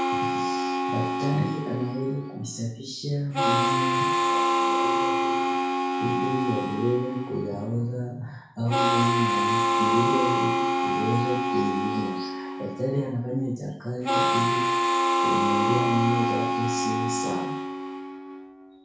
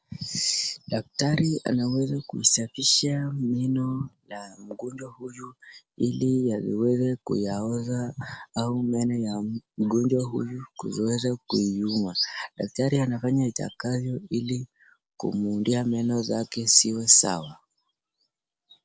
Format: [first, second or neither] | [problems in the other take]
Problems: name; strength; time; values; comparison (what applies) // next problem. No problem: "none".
second | background sound (Harmonica); 4 dB above the speech // room echo; dies away in 0.6 s